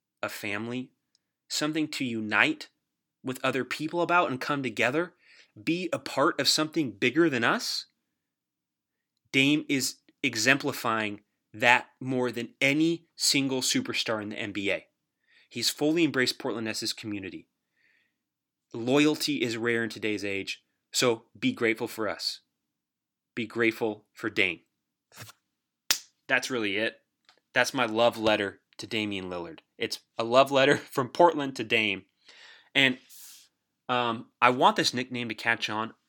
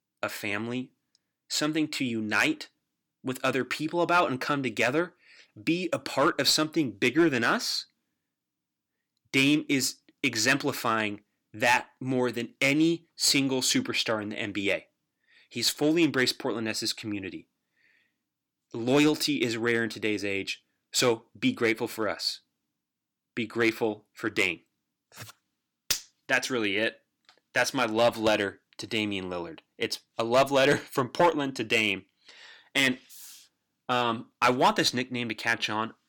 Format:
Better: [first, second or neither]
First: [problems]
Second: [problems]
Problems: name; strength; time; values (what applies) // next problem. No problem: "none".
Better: first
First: none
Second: distortion; slight; 1.3% of the sound clipped